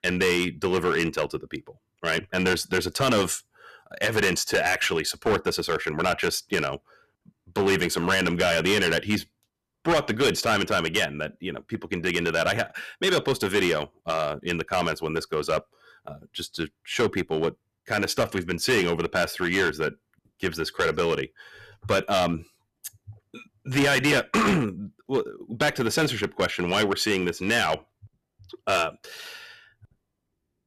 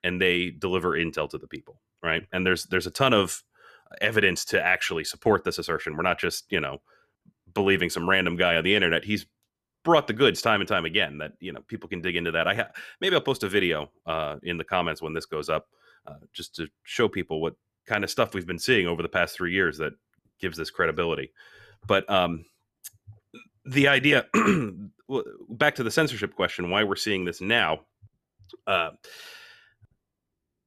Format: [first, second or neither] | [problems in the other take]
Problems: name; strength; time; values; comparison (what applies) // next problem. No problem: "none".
second | distortion; heavy; 7% of the sound clipped